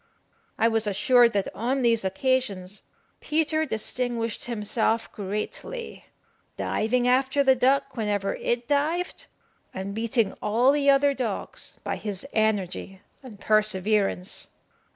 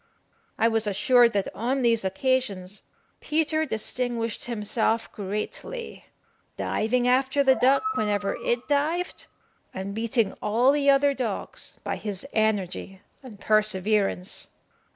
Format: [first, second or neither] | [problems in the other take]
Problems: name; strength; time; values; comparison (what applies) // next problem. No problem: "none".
first | background sound (Animal); 10 dB below the speech